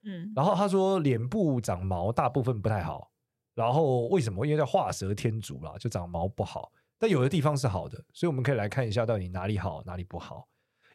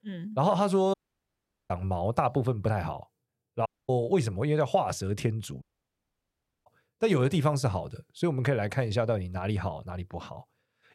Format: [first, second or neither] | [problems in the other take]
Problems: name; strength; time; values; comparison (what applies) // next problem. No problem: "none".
first | audio cutting out; at 1 s for 1 s, at 3.5 s and at 5.5 s for 1 s